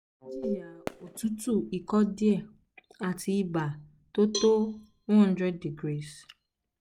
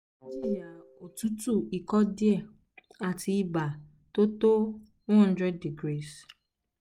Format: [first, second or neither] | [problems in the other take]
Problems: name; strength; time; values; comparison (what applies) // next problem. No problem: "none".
second | background sound (Cowbell + Fireworks); 14 dB below the speech